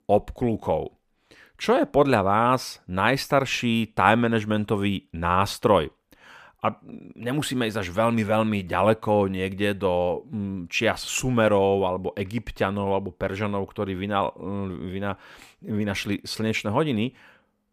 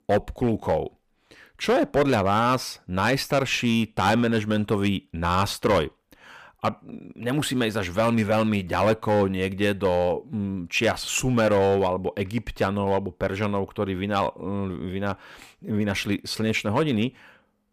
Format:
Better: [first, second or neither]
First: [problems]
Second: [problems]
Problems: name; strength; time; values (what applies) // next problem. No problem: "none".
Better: first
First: none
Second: distortion; slight; 4% of the sound clipped